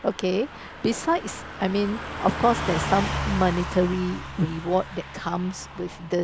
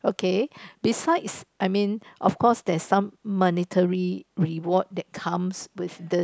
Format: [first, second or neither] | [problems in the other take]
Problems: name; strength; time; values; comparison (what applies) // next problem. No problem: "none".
second | background sound (Car passing by / Truck); 7 dB below the speech